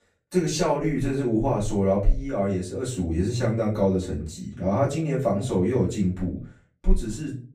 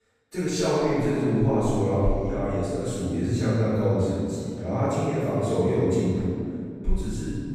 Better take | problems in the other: first | room echo; strong; dies away in 2 s; slight in the first // off-mic speech; far; far in the first

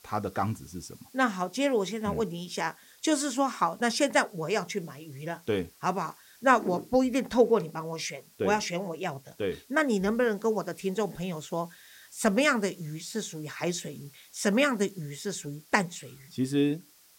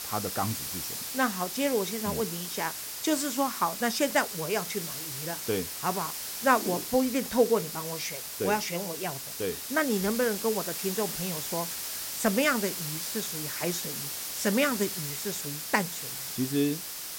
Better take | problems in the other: first | hiss; loud; throughout; 4 dB below the speech; faint in the first

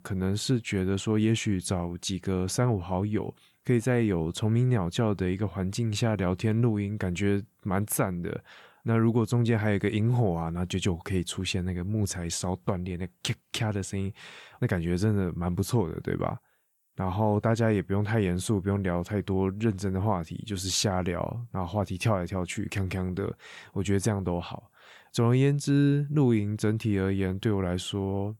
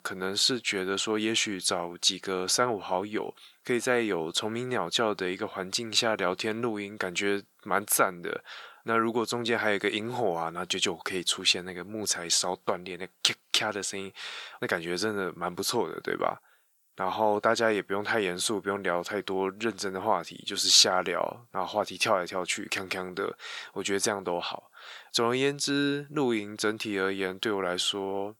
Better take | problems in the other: first | thin; very; fading below 450 Hz

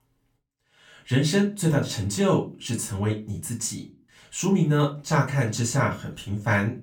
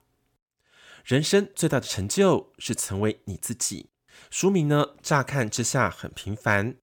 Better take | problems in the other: second | off-mic speech; far // room echo; very slight; dies away in 0.2 s

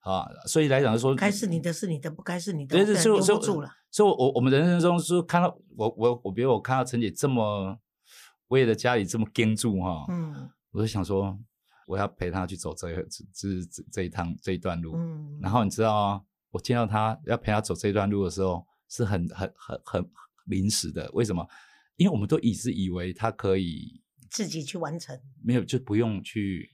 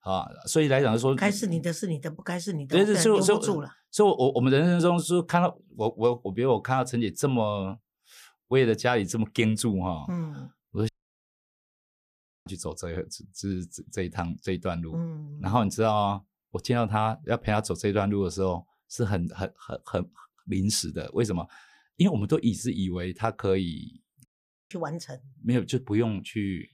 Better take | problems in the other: first | audio cutting out; at 11 s for 1.5 s and at 24 s

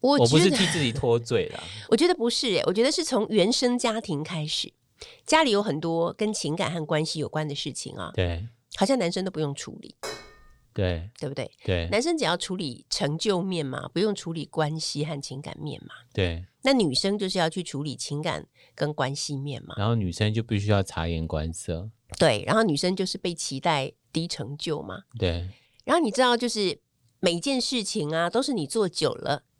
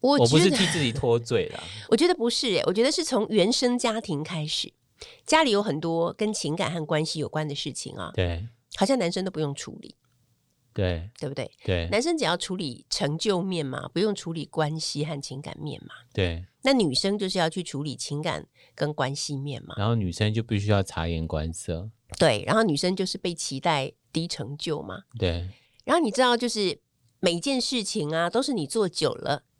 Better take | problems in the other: second | clattering dishes; faint; at 10 s; peak 10 dB below the speech

